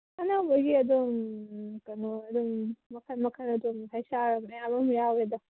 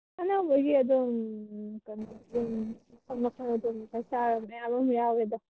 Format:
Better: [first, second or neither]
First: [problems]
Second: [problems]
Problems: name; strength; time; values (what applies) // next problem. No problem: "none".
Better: first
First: none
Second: noise reduction (neural separator model SepFormer DNS4)